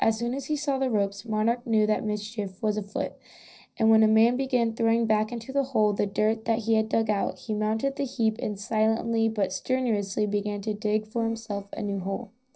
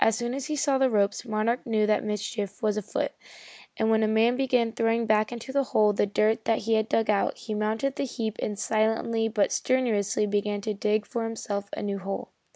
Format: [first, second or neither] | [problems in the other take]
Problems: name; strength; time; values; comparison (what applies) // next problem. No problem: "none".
second | noise reduction (neural separator model SepFormer DNS4)